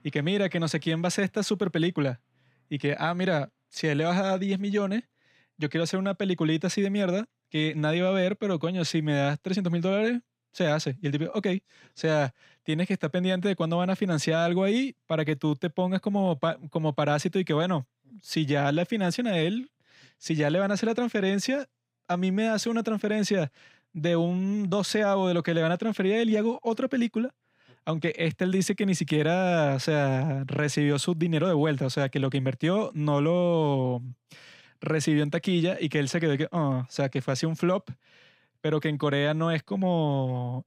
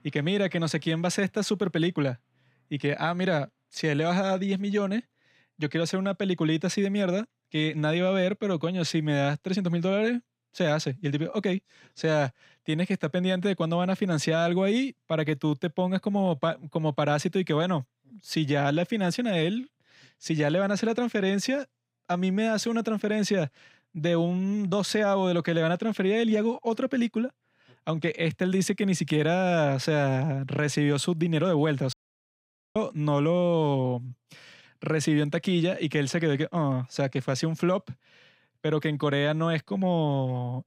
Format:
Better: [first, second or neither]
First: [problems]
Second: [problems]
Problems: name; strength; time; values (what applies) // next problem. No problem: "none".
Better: first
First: none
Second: audio cutting out; at 32 s for 1 s